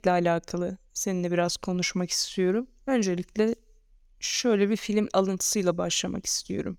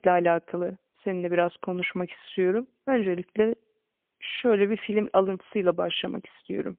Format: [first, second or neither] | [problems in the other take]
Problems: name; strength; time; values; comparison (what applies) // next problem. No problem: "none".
first | phone-call audio; poor line; nothing above 3.5 kHz